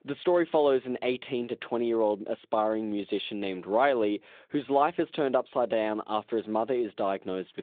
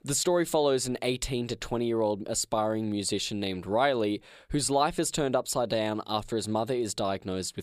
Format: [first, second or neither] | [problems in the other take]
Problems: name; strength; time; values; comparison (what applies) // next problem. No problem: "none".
second | phone-call audio; nothing above 3.5 kHz